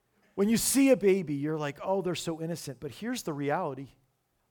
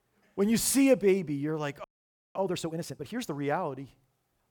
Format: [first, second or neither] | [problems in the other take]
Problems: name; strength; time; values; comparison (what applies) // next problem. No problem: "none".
first | audio freezing; at 2 s for 0.5 s